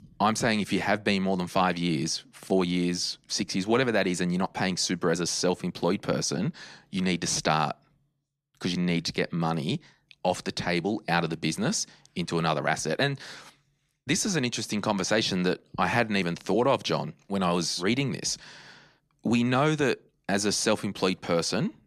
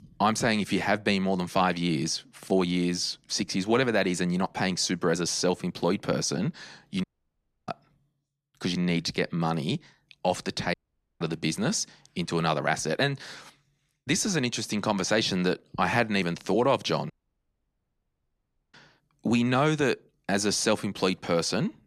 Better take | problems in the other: first | audio cutting out; at 7 s for 0.5 s, at 11 s and at 17 s for 1.5 s

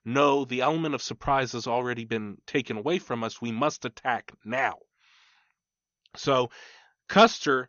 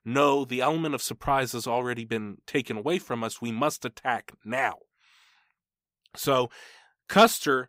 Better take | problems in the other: second | garbled, watery; slightly; nothing above 6.5 kHz

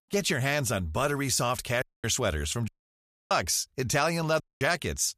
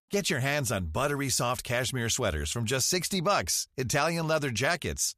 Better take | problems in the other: second | audio cutting out; at 2 s, at 2.5 s for 0.5 s and at 4.5 s

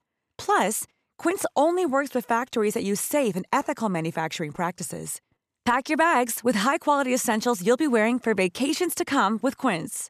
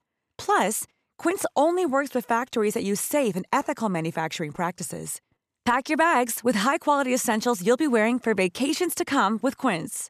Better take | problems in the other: neither | none

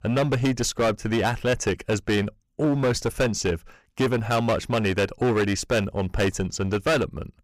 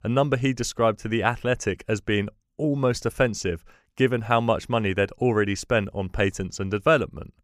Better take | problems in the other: second | distortion; heavy; 14% of the sound clipped

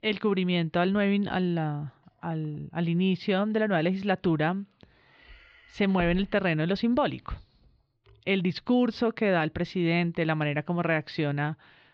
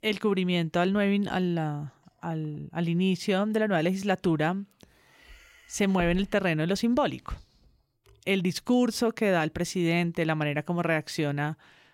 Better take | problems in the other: second | muffled; very slightly; fading above 4 kHz

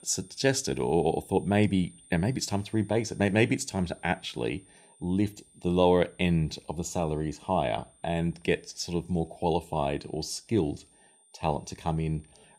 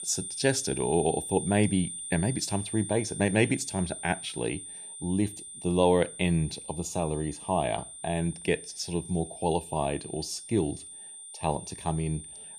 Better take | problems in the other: first | high-pitched whine; loud; throughout; 9 kHz, 9 dB below the speech; faint in the first

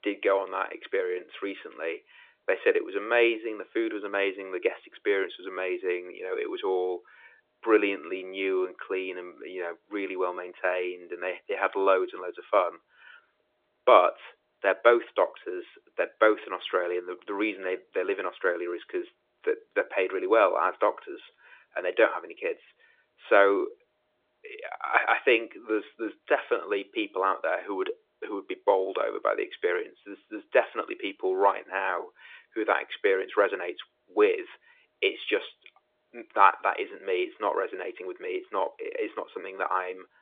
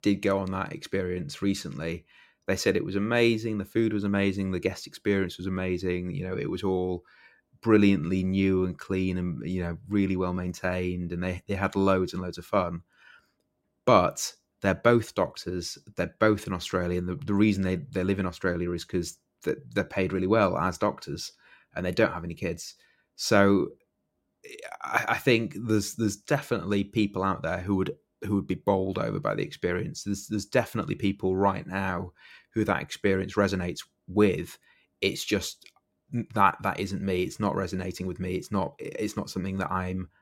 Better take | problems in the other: second | phone-call audio

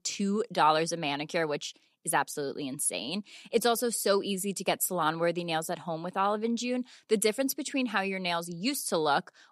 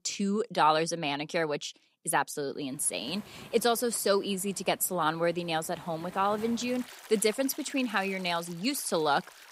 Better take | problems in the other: first | rain or running water; faint; from 2.5 s on; 20 dB below the speech

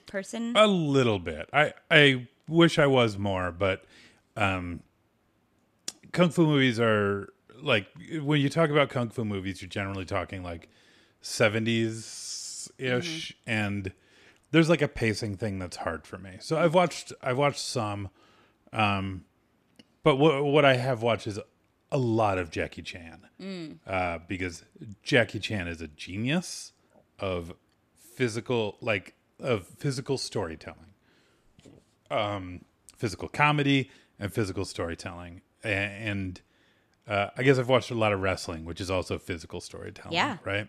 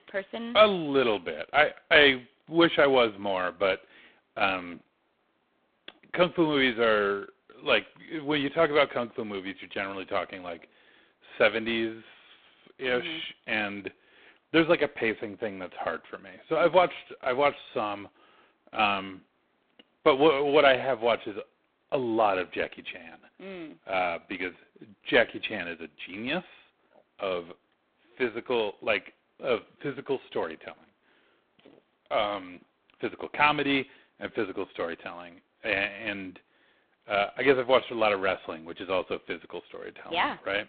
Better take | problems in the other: first | phone-call audio; poor line

